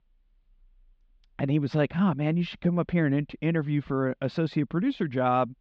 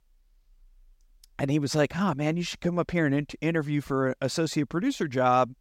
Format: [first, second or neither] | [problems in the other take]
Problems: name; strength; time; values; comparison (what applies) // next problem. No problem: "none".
second | muffled; slightly; fading above 3.5 kHz